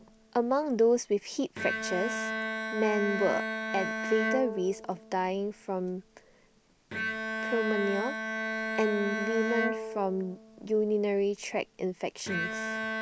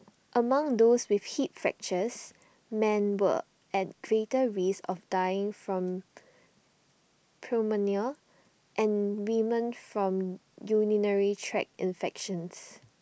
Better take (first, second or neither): second